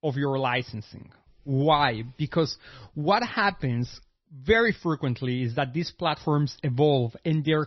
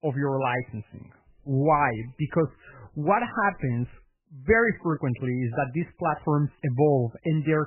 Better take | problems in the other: first | garbled, watery; badly; nothing above 3 kHz; slightly in the first

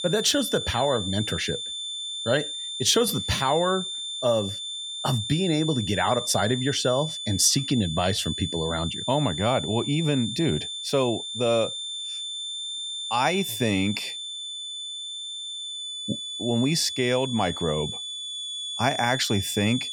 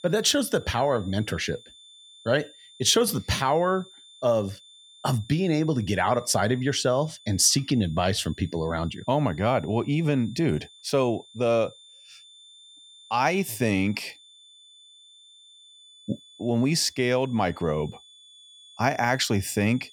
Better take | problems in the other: second | high-pitched whine; loud; throughout; 3.5 kHz, 5 dB below the speech; faint in the second

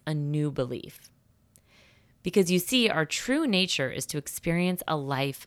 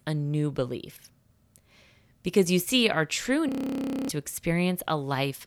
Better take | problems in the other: first | audio freezing; at 3.5 s for 0.5 s

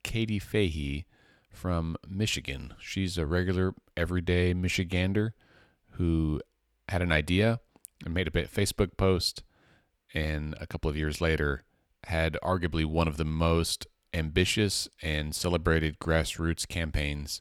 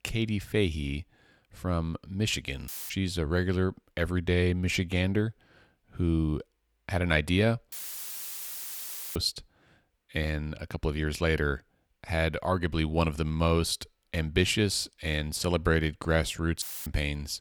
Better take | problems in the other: first | audio cutting out; filled with static; at 2.5 s, at 7.5 s for 1.5 s and at 17 s

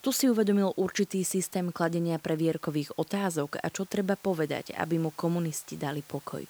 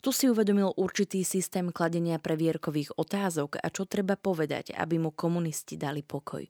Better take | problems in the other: second | hiss; faint; throughout; 25 dB below the speech

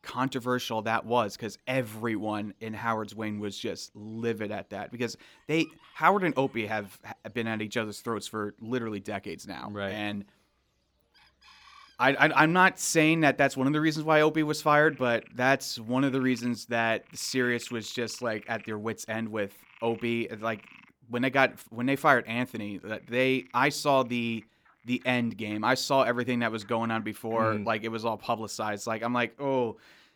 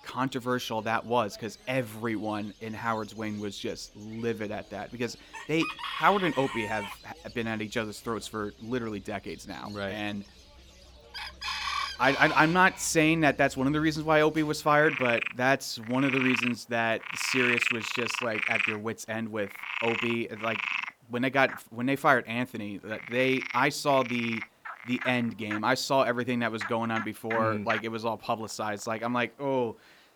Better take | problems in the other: first | animal sounds; loud; throughout; 4 dB below the speech; faint in the first

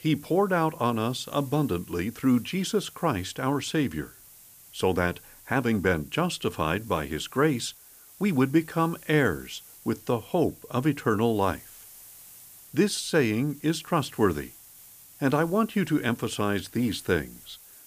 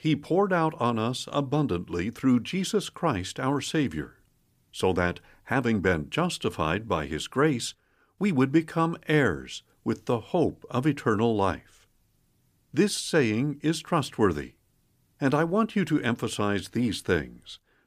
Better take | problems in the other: second | hiss; faint; throughout; 20 dB below the speech

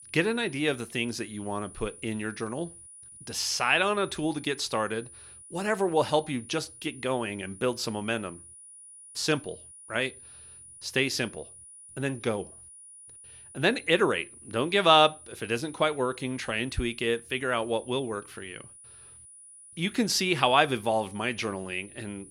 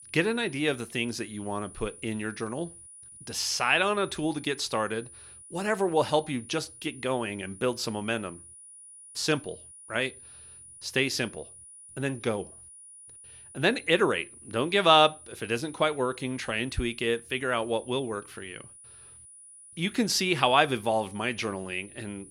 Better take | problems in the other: neither | high-pitched whine; noticeable; throughout; 9.5 kHz, 20 dB below the speech; the same in both

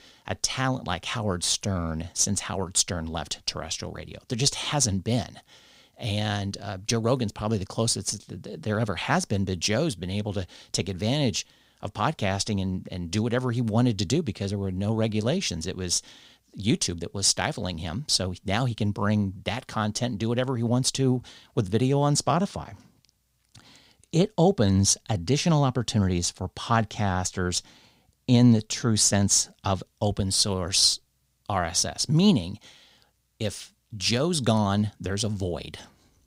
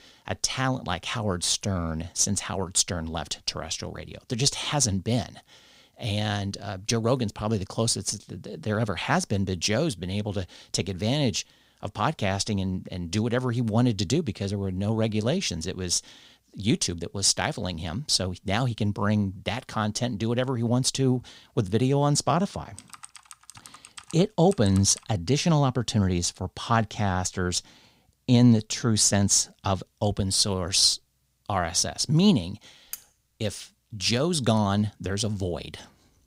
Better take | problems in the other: first | keyboard typing; faint; from 23 to 25 s; peak 15 dB below the speech // clattering dishes; very faint; at 33 s; peak 15 dB below the speech

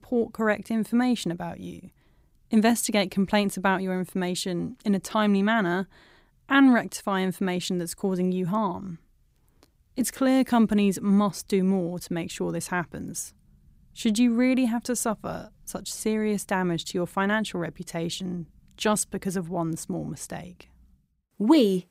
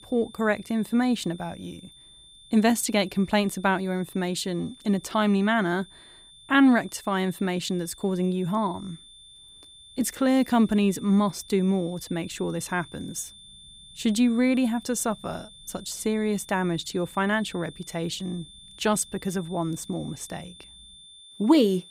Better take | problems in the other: first | high-pitched whine; faint; throughout; 3.5 kHz, 20 dB below the speech

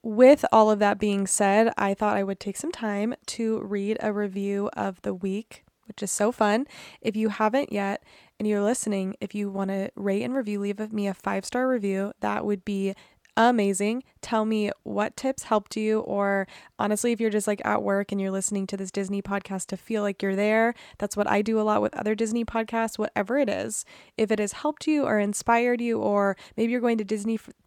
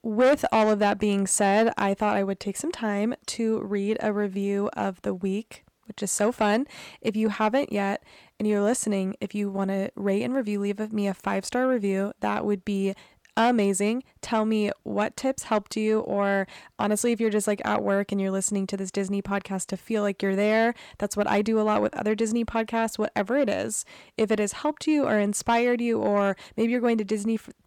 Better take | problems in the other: first | distortion; slight; 10 dB below the speech

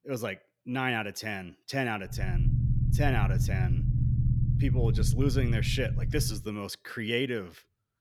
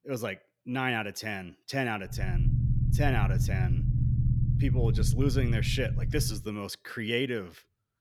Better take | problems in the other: neither | low rumble; loud; from 2 to 6.5 s; 8 dB below the speech; the same in both

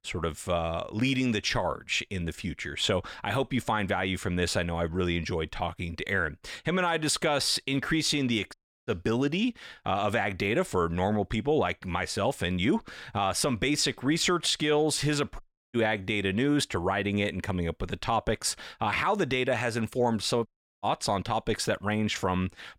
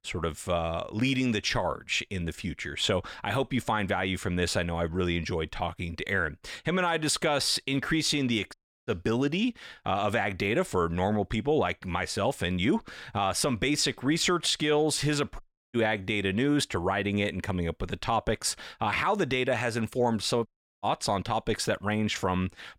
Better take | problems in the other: neither | audio cutting out; at 8.5 s, at 15 s and at 20 s; the same in both

